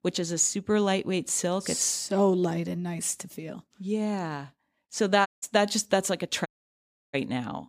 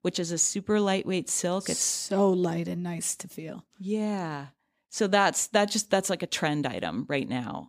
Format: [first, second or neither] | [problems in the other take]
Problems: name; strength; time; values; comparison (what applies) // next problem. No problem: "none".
second | audio cutting out; at 5.5 s and at 6.5 s for 0.5 s